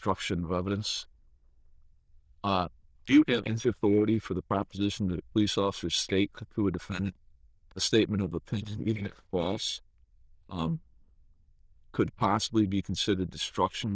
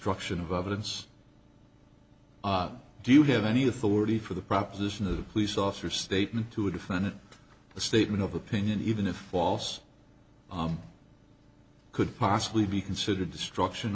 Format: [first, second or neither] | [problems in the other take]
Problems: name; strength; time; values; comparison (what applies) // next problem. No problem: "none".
second | noise reduction (neural diffusion model UNIVERSE++)